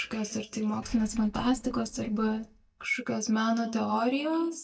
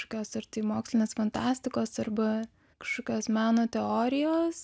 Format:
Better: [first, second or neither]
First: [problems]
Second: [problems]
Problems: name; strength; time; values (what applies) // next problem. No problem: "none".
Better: second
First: noise reduction (neural mask model DeepFilterNet 3)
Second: none